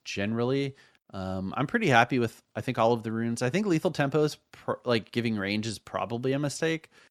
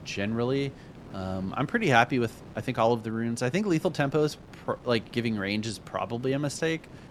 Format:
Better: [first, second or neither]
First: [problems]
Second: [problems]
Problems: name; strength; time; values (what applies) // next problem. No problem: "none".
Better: first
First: none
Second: wind noise on the microphone; occasional gusts; 20 dB below the speech